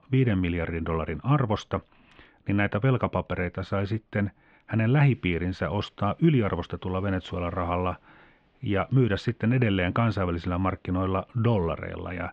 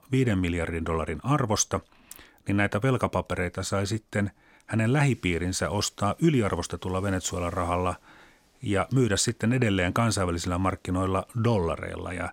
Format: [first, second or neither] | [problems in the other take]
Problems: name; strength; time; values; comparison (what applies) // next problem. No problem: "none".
second | muffled; very; fading above 3 kHz